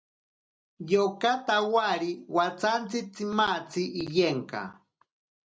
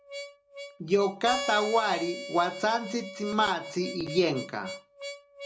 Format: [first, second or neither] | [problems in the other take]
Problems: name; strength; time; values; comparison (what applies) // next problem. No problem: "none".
first | background sound (Harmonica); 10 dB below the speech